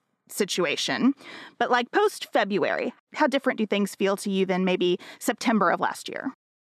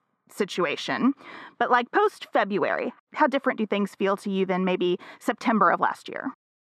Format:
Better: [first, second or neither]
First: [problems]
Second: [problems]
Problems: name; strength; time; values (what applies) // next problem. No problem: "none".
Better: first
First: none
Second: muffled; slightly; fading above 3.5 kHz